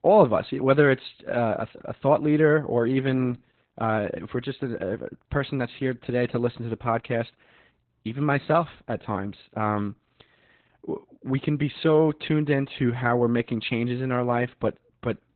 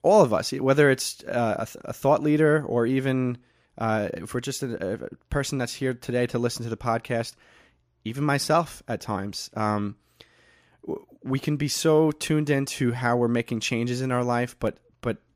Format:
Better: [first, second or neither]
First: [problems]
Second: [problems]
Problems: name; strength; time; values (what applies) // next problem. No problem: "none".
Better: second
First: garbled, watery; badly; nothing above 4 kHz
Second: none